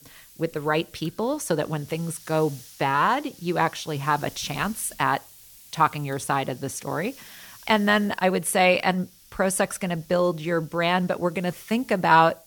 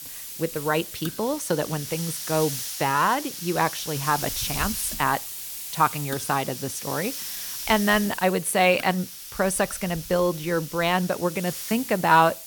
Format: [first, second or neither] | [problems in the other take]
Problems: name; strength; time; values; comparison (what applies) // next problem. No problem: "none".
first | hiss; loud; throughout; 7 dB below the speech; faint in the first